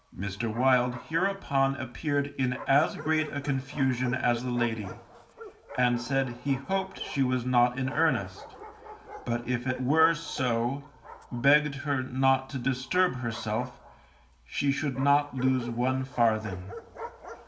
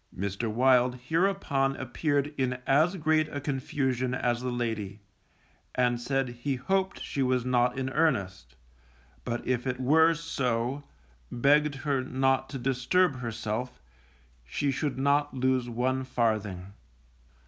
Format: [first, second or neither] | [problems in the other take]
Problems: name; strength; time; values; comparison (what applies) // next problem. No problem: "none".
second | background sound (Bark); 16 dB below the speech // room echo; dies away in 0.4 s